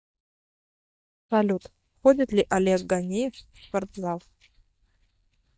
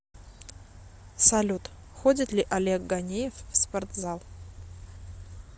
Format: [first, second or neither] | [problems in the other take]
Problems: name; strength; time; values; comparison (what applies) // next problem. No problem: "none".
second | noise reduction (neural mask model DeepFilterNet 3)